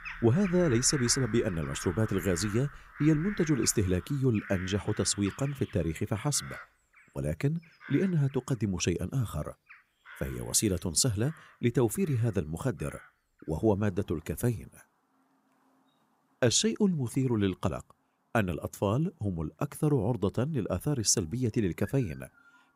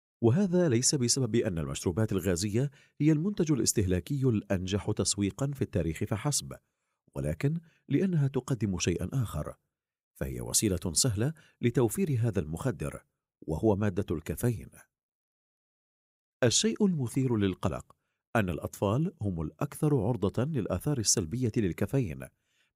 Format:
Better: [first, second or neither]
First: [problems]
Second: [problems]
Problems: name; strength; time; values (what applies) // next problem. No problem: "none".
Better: second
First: animal sounds; noticeable; throughout; 15 dB below the speech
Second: none